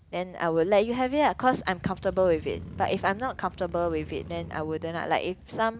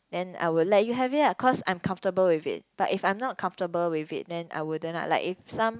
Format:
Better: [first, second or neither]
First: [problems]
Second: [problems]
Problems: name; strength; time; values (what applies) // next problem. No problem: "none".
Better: second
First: background sound (Motorcycle); 16 dB below the speech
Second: none